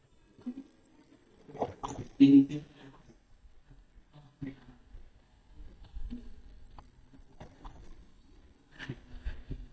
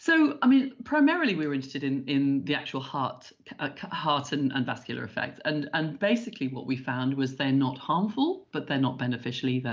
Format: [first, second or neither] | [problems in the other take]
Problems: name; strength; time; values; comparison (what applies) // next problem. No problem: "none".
second | noise reduction (neural mask model DeepFilterNet 3)